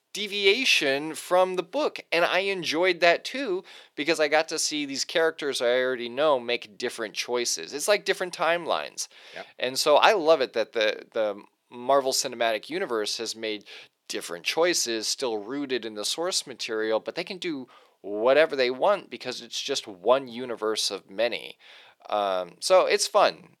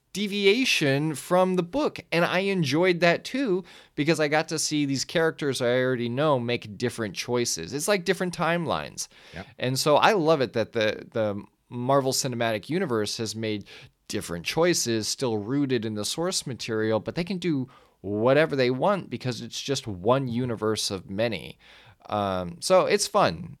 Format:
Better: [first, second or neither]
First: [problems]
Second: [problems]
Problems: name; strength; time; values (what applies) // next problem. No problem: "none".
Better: second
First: thin; somewhat; fading below 450 Hz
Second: none